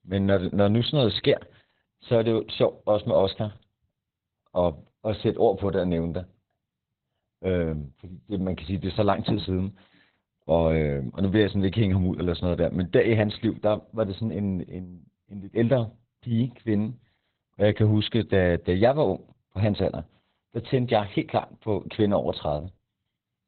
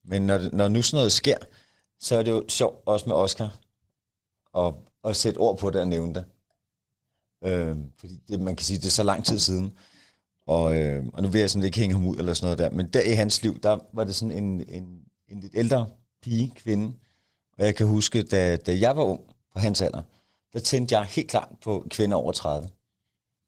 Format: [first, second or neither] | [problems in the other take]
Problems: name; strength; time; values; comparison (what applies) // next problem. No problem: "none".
second | garbled, watery; badly; nothing above 4 kHz; slightly in the second